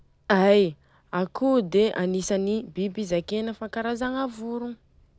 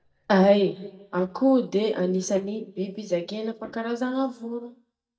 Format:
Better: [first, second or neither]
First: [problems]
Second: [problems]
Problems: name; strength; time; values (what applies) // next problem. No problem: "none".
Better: first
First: none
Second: noise reduction (neural mask model DeepFilterNet 3)